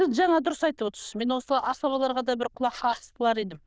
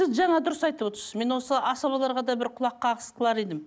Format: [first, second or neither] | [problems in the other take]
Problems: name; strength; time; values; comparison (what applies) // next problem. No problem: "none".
second | noise reduction (neural diffusion model UNIVERSE++)